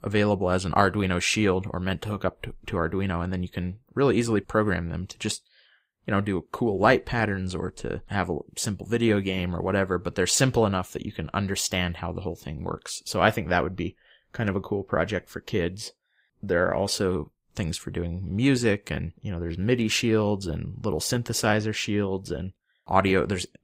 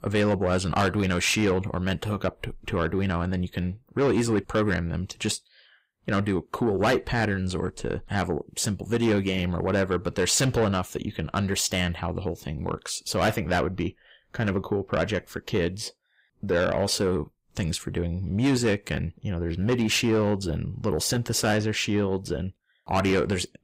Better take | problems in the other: first | distortion; slight; 10 dB below the speech

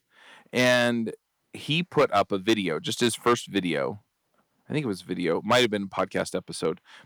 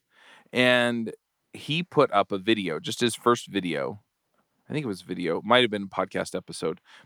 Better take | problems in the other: second | distortion; slight; 1.8% of the sound clipped

